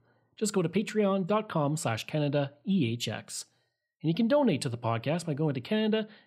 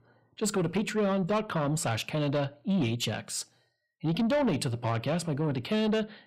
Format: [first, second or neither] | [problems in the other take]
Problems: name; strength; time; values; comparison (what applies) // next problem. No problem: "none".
first | distortion; slight; 10 dB below the speech